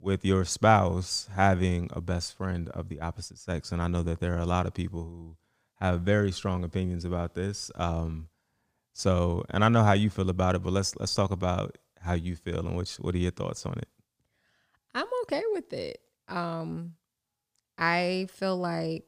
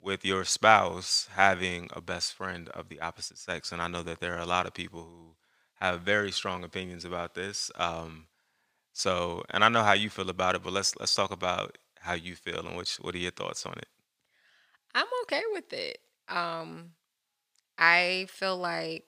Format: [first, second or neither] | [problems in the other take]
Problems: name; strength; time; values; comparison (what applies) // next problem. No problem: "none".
first | thin; somewhat; fading below 700 Hz